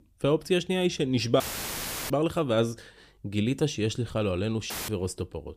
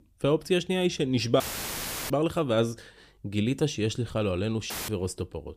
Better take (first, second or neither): neither